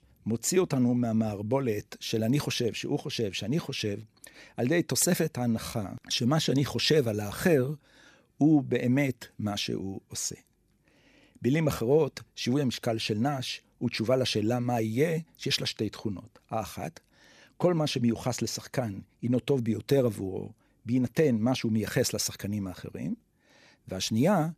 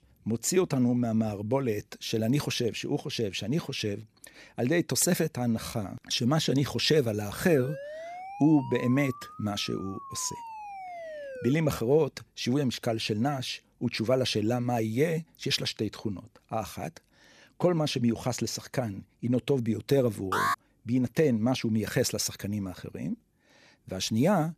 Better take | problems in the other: first | siren; faint; from 7.5 to 12 s; peak 10 dB below the speech // alarm; loud; at 20 s; peak level with the speech

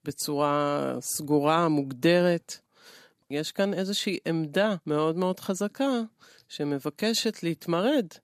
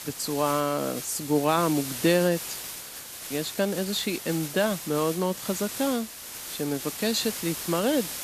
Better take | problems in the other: first | hiss; loud; throughout; 7 dB below the speech

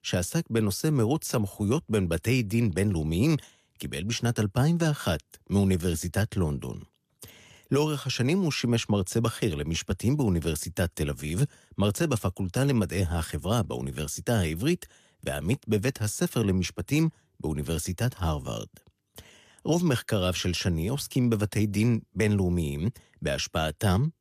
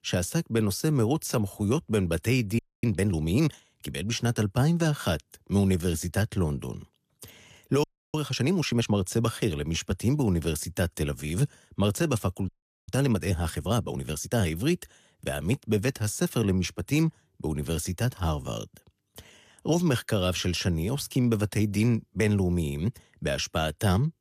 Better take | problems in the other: first | audio freezing; at 2.5 s, at 8 s and at 12 s

